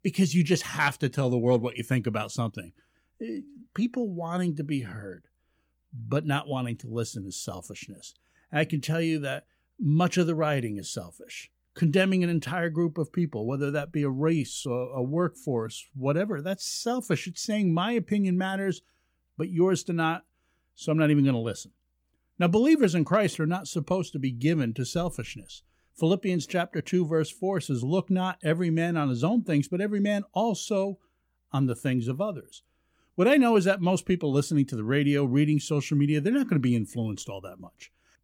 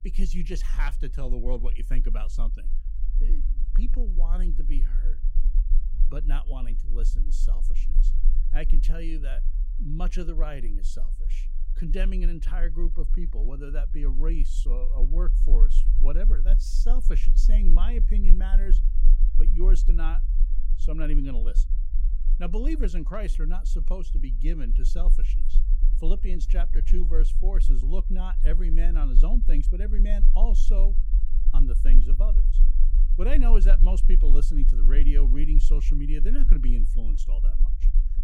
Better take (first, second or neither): first